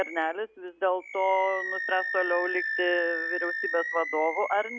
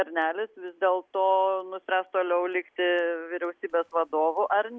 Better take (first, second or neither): second